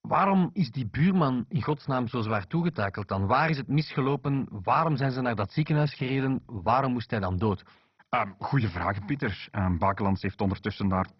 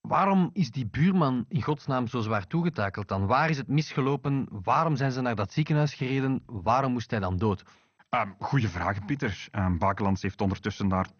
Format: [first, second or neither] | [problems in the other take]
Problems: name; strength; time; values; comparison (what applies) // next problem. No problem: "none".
second | garbled, watery; badly; nothing above 5.5 kHz; slightly in the second